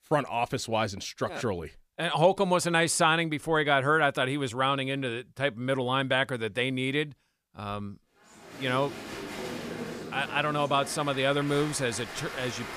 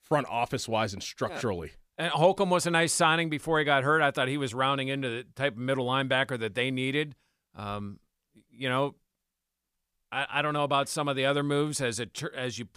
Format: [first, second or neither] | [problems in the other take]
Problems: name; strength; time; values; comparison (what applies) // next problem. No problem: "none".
second | crowd noise; noticeable; from 8.5 s on; 10 dB below the speech